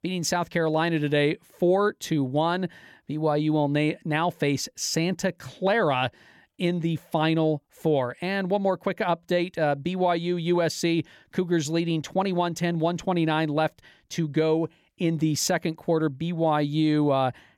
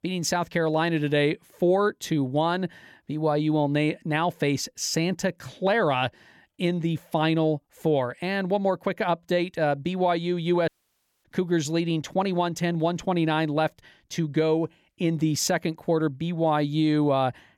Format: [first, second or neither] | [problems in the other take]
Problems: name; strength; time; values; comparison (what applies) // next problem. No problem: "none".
first | audio cutting out; at 11 s for 0.5 s